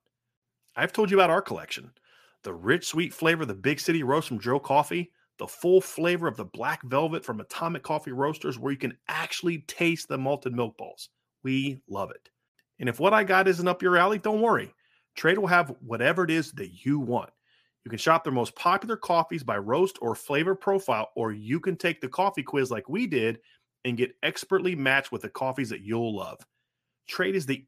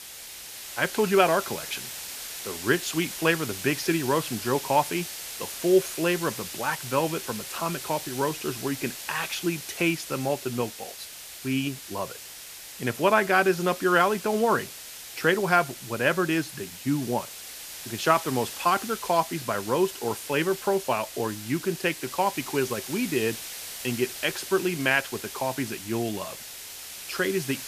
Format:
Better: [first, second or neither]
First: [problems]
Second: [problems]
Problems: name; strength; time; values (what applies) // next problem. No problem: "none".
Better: first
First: none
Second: hiss; loud; throughout; 10 dB below the speech